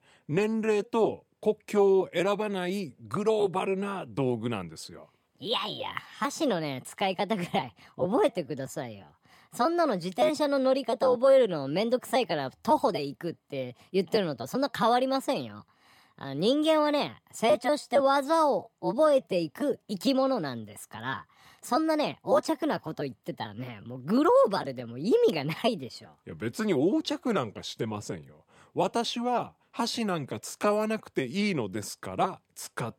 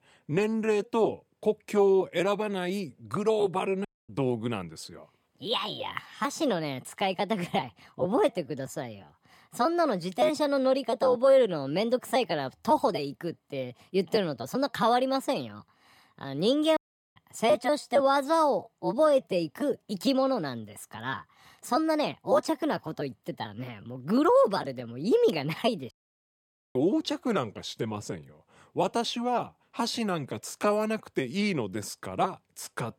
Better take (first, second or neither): first